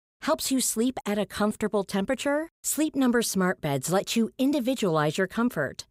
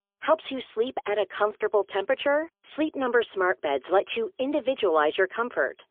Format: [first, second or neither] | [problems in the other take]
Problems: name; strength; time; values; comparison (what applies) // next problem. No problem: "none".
first | phone-call audio; poor line; nothing above 3.5 kHz